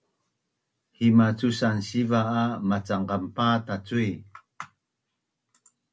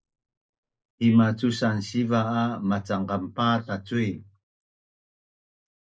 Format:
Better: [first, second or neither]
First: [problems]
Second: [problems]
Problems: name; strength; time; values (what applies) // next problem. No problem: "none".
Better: first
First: none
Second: noise reduction (neural mask model Resemble Enhance denoiser)